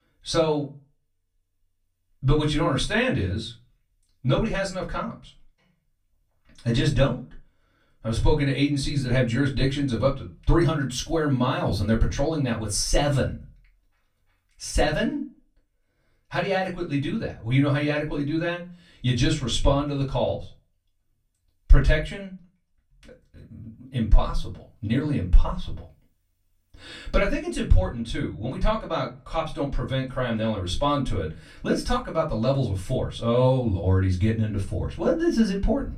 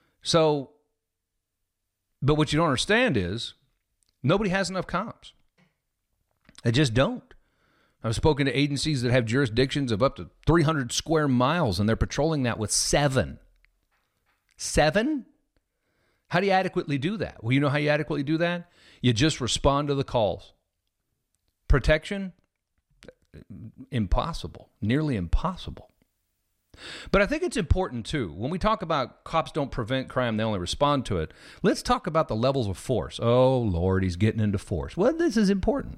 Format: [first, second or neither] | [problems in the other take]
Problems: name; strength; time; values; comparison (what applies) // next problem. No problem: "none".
second | off-mic speech; far // room echo; very slight; dies away in 0.2 s